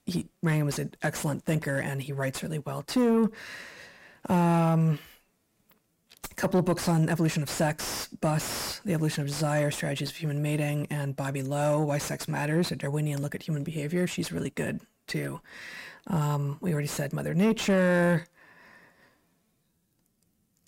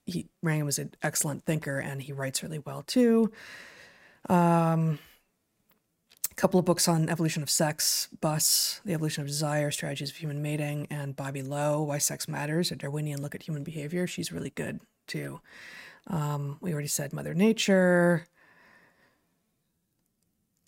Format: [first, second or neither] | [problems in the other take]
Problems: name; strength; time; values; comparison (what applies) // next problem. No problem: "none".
second | distortion; heavy; 7 dB below the speech